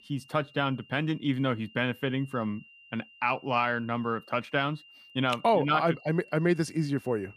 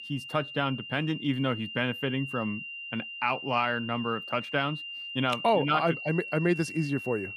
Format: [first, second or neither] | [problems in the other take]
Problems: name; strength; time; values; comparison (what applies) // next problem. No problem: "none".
first | high-pitched whine; loud; throughout; 3 kHz, 8 dB below the speech; faint in the first